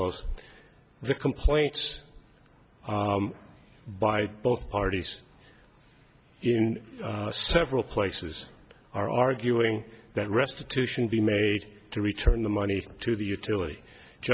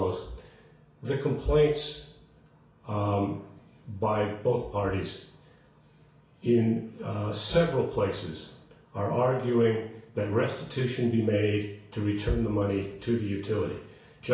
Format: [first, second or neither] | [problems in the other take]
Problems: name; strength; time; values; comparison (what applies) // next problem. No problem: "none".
first | room echo; dies away in 0.6 s